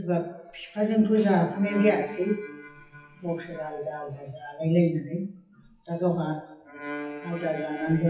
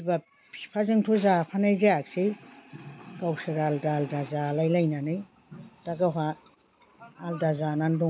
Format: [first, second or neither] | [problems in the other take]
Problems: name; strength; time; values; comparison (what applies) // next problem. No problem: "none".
second | noise reduction (classical method WPE with log-MMSE)